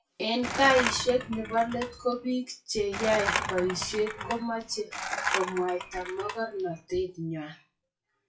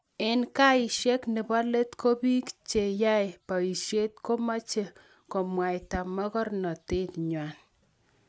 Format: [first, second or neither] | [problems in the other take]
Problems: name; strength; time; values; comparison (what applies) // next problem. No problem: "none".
second | noise reduction (classical method WPE with log-MMSE)